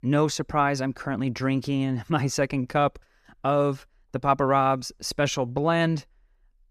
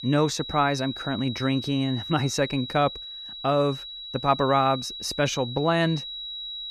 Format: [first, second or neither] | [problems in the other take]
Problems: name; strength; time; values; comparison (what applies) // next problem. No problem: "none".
first | high-pitched whine; loud; throughout; 4 kHz, 9 dB below the speech